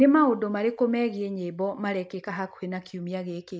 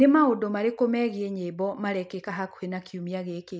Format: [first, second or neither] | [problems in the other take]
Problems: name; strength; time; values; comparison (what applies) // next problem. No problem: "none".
second | noise reduction (neural mask model Resemble Enhance denoiser)